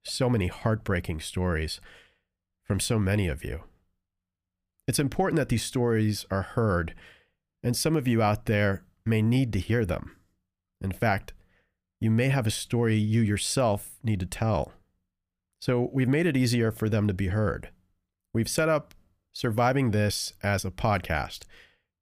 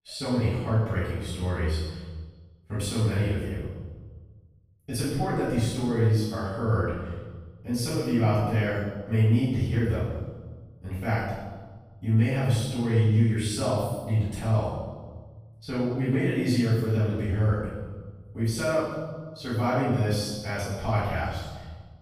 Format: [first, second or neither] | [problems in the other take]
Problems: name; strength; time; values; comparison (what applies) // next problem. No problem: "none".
first | room echo; strong; dies away in 1.3 s // off-mic speech; far